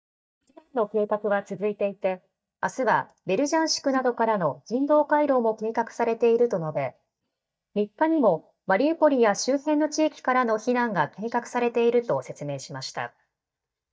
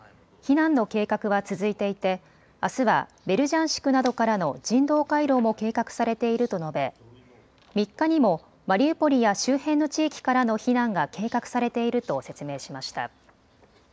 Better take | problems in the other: second | noise reduction (neural mask model DeepFilterNet 3)

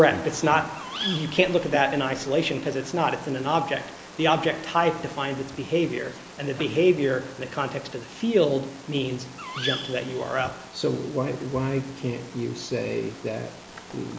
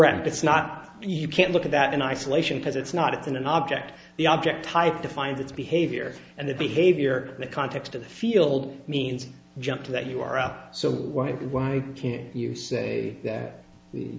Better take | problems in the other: second | background sound (Bird vocalization, bird call, bird song); 14 dB below the speech

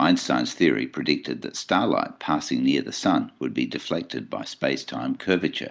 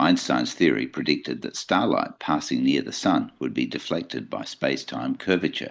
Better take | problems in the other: first | noise reduction (neural mask model Resemble Enhance denoiser)

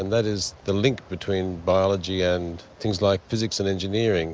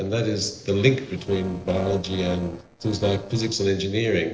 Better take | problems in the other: first | noise reduction (neural separator model SepFormer DNS4)

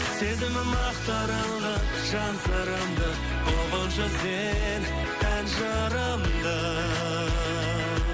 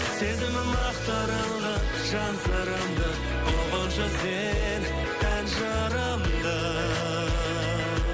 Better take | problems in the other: first | background sound (Piano); 12 dB below the speech

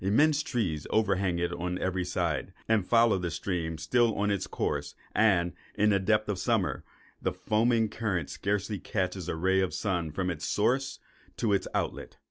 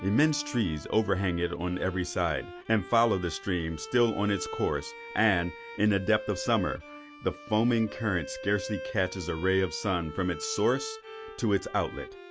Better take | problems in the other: first | background sound (Bowed string instrument); 14 dB below the speech

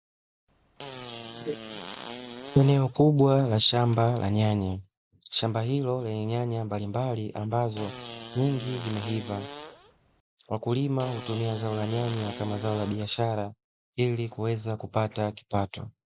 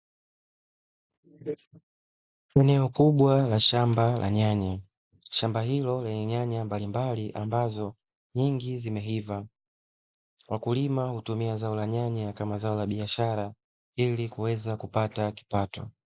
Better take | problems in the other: second | background sound (Fart); 14 dB below the speech

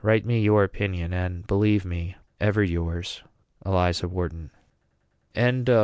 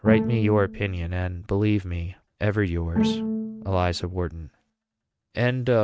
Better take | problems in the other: first | noise reduction (neural mask model RNNoise)

